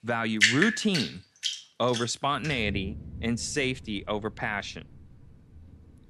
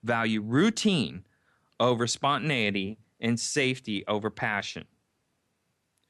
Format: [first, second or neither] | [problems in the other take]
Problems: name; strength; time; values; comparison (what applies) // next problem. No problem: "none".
second | rain or running water; loud; throughout; as loud as the speech